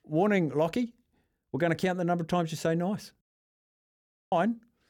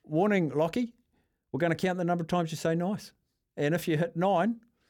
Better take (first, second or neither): second